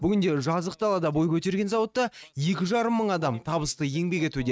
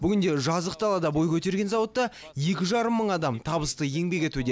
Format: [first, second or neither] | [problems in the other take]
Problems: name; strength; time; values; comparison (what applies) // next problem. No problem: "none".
second | noise reduction (neural mask model RNNoise)